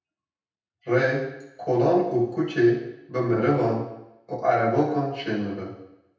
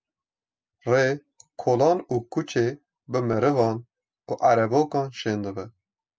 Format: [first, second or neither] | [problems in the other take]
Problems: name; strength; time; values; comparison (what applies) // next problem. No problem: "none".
second | room echo; dies away in 0.9 s